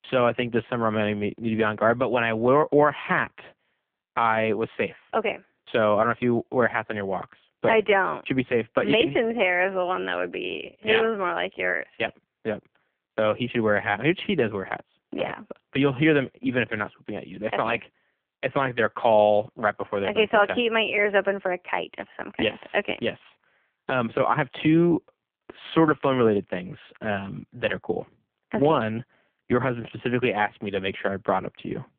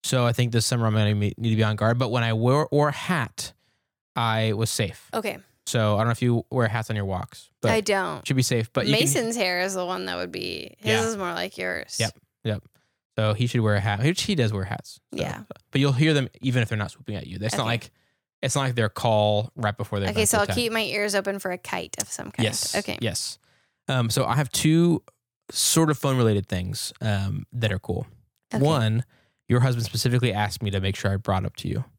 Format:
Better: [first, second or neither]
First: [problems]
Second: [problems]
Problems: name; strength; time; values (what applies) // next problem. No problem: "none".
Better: second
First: phone-call audio; poor line; nothing above 3.5 kHz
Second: none